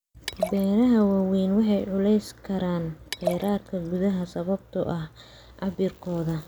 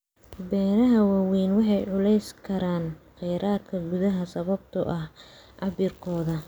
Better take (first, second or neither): second